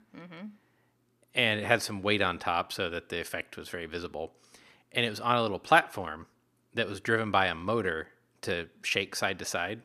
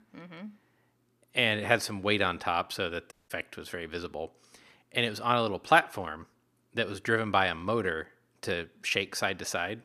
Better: first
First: none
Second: audio cutting out; at 3 s

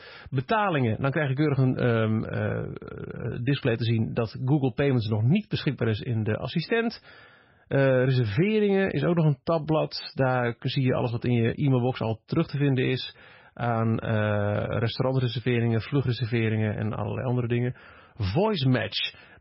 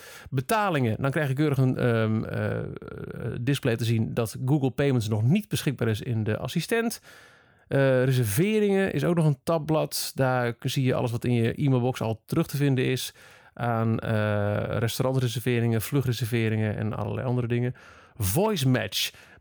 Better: second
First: garbled, watery; badly; nothing above 5.5 kHz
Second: none

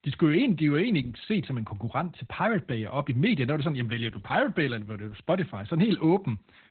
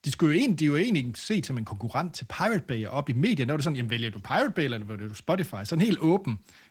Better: second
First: garbled, watery; badly; nothing above 4 kHz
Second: garbled, watery; slightly; nothing above 17.5 kHz

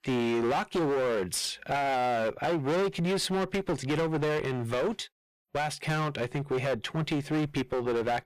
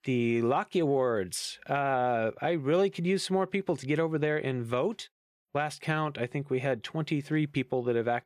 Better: second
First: distortion; heavy; 23% of the sound clipped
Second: none

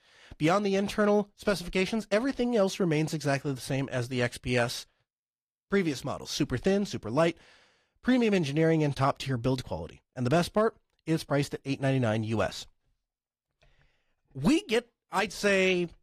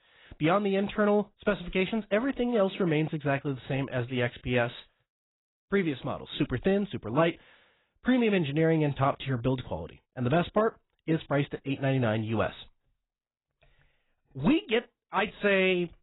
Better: first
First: garbled, watery; slightly; nothing above 14 kHz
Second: garbled, watery; badly; nothing above 4 kHz

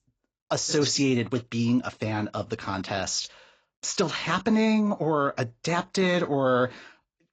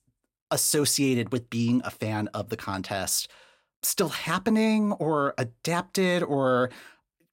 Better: second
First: garbled, watery; badly; nothing above 7.5 kHz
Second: none

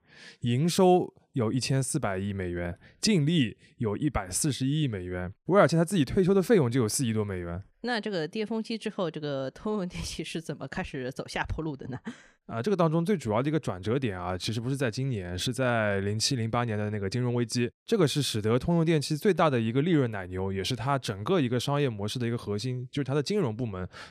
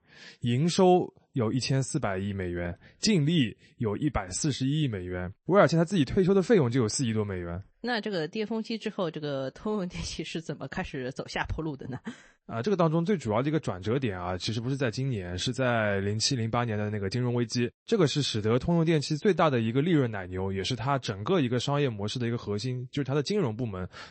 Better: first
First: none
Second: garbled, watery; slightly; nothing above 8 kHz

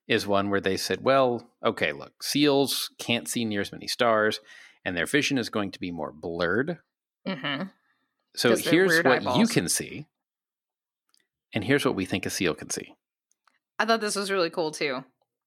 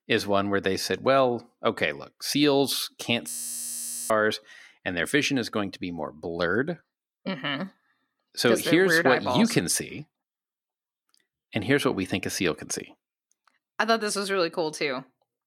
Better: first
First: none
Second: audio freezing; at 3.5 s for 1 s

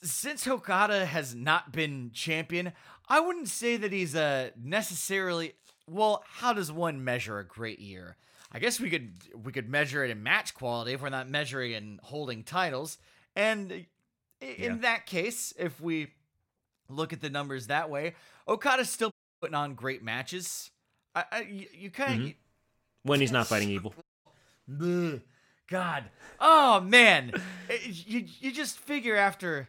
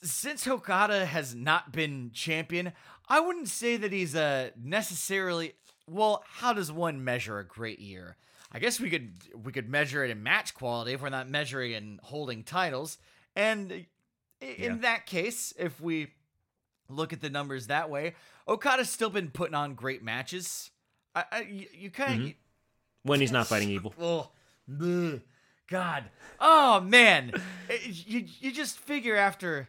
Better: second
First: audio cutting out; at 19 s and at 24 s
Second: none

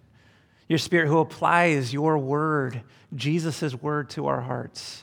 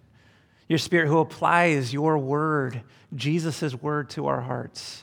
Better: neither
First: none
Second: none

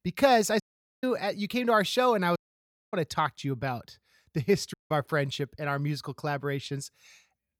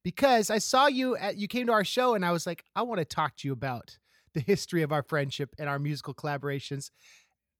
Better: second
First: audio cutting out; at 0.5 s, at 2.5 s for 0.5 s and at 4.5 s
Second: none

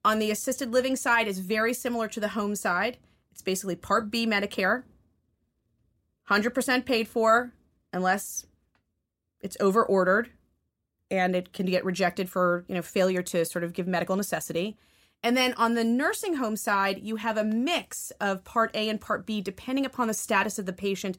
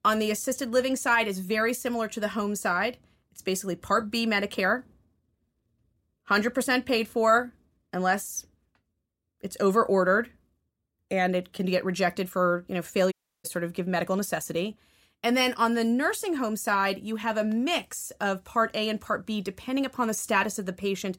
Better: first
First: none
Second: audio cutting out; at 13 s

